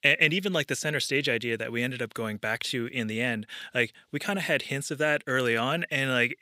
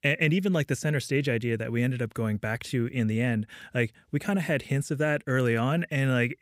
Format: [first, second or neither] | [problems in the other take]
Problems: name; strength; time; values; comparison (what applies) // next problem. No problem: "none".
second | thin; somewhat; fading below 1 kHz